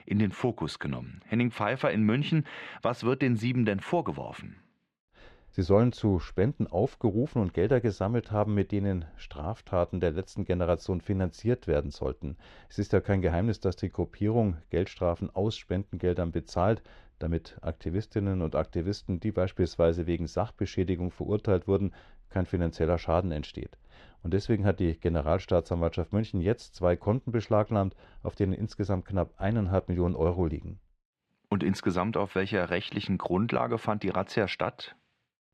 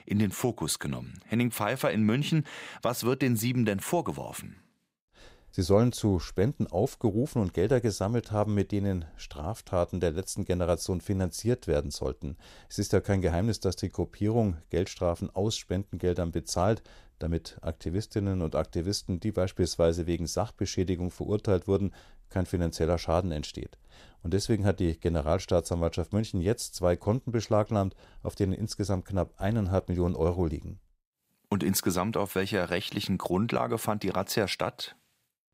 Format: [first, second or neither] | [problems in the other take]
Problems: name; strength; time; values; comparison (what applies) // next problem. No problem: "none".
second | muffled; slightly; fading above 2.5 kHz